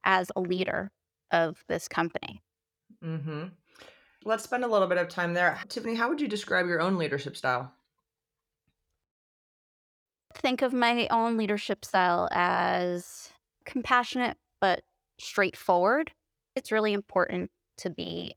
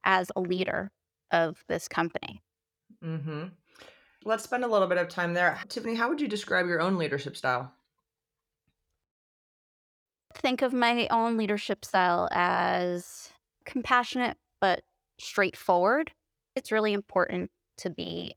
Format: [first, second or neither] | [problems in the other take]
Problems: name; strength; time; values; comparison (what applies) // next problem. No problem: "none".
neither | none